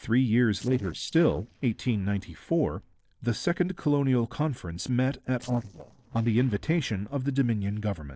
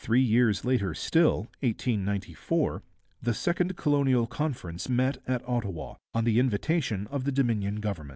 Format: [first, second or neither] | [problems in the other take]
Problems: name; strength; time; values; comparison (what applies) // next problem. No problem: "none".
second | noise reduction (neural separator model SepFormer DNS4)